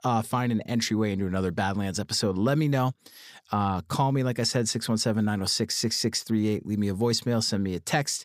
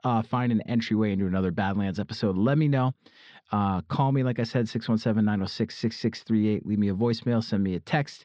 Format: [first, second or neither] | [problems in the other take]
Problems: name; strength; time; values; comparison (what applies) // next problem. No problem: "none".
first | muffled; slightly; fading above 4 kHz